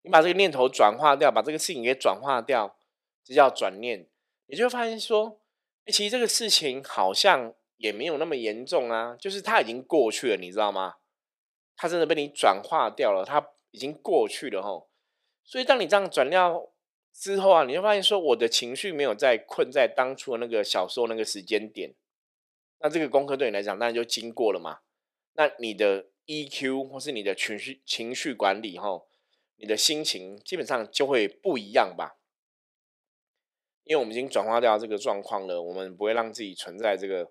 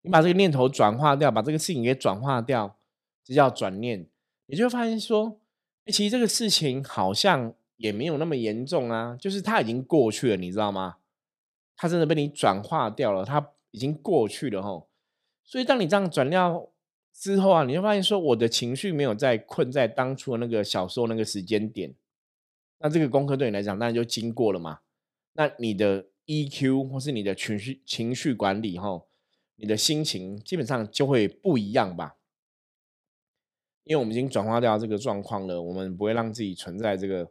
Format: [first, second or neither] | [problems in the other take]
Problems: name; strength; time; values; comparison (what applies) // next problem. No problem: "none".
second | thin; somewhat; fading below 500 Hz